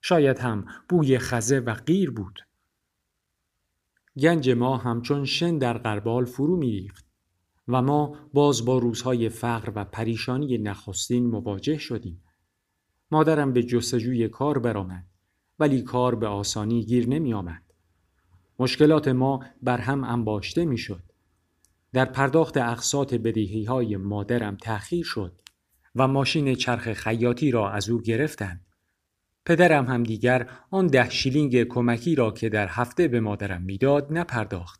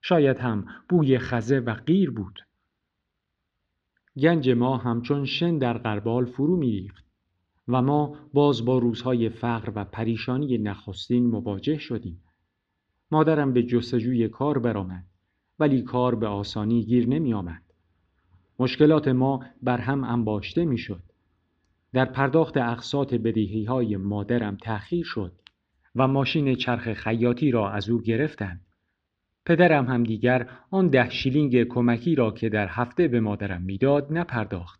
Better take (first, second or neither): first